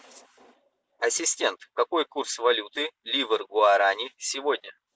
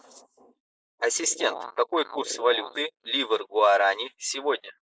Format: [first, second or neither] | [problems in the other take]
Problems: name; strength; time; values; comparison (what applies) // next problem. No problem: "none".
first | noise reduction (neural mask model Resemble Enhance denoiser)